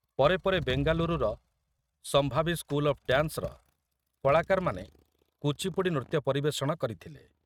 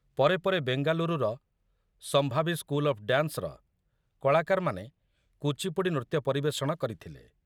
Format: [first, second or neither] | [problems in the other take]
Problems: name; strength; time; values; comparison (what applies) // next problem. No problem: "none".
second | noise reduction (neural mask model RNNoise)